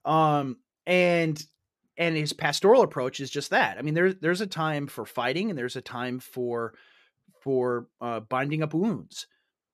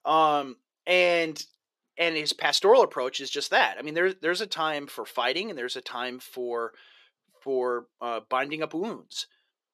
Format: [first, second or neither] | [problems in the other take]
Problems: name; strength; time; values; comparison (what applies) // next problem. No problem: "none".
first | thin; somewhat; fading below 450 Hz